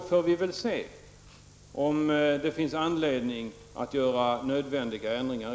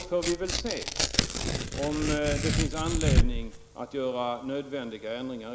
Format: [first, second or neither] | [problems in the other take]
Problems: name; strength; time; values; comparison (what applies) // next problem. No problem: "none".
first | background sound (Tearing); 3 dB above the speech